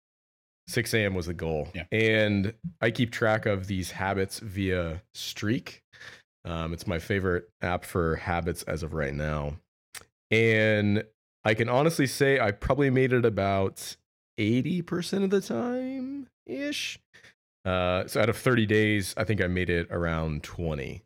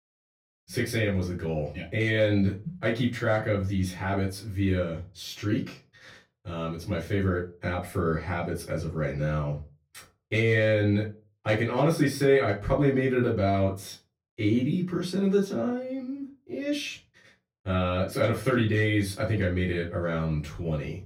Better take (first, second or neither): first